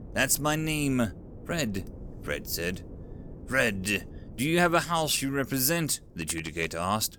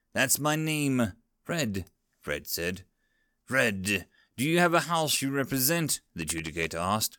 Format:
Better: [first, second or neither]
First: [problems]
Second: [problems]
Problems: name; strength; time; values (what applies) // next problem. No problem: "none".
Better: second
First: wind noise on the microphone; occasional gusts; 25 dB below the speech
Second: none